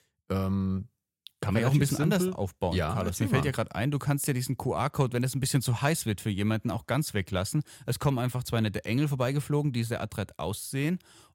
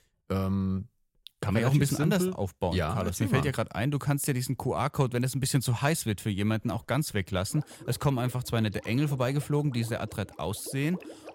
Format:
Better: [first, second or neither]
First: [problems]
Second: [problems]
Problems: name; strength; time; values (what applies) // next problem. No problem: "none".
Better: first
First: none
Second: household noises; faint; throughout; 20 dB below the speech